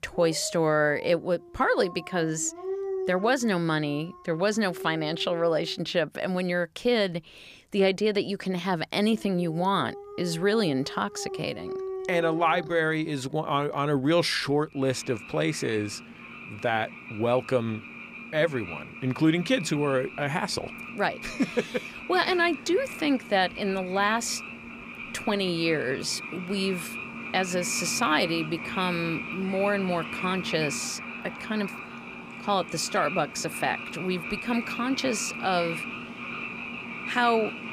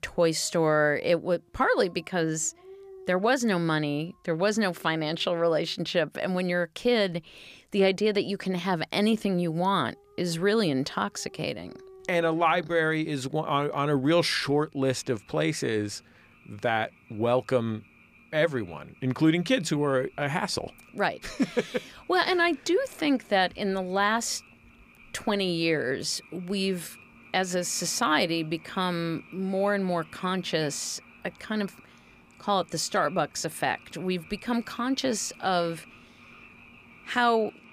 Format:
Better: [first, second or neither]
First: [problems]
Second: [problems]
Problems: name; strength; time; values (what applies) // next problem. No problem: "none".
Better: second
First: animal sounds; loud; throughout; 10 dB below the speech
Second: animal sounds; faint; throughout; 25 dB below the speech